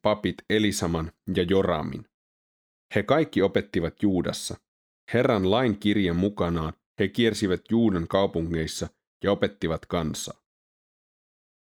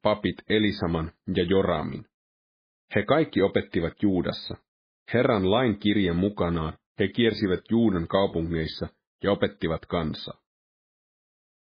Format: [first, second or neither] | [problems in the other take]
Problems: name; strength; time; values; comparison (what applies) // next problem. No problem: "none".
first | garbled, watery; badly